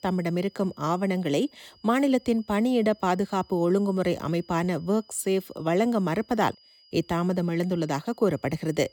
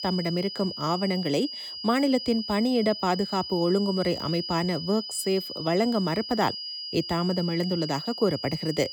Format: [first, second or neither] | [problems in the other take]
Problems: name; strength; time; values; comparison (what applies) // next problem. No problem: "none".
first | high-pitched whine; loud; throughout; 5 kHz, 7 dB below the speech; faint in the first